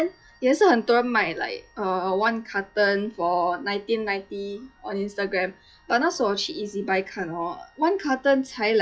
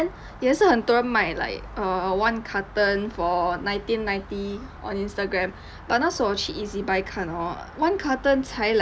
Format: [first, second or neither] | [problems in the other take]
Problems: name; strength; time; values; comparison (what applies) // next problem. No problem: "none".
second | noise reduction (classical method log-MMSE)